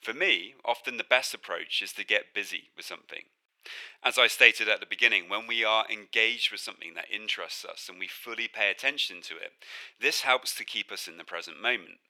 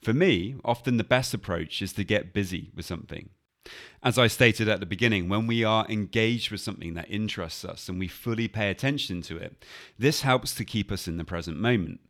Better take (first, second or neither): second